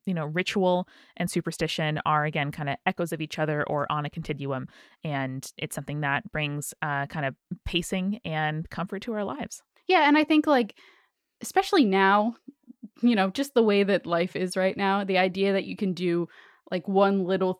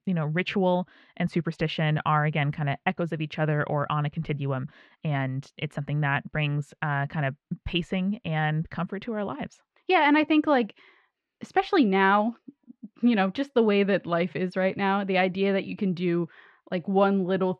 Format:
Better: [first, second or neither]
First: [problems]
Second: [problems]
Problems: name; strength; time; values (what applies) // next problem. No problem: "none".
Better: first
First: none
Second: muffled; slightly; fading above 2.5 kHz